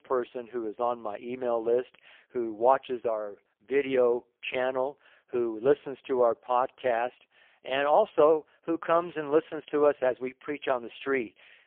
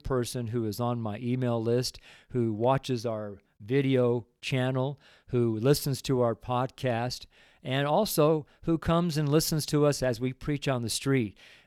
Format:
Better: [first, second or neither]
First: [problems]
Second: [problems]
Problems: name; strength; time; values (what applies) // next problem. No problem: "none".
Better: second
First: phone-call audio; poor line; nothing above 3.5 kHz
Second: none